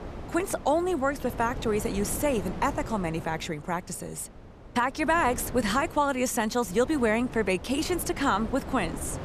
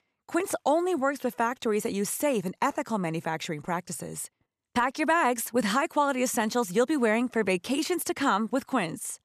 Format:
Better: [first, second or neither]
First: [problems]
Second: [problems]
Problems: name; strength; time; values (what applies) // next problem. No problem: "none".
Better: second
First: wind noise on the microphone; occasional gusts; 15 dB below the speech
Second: none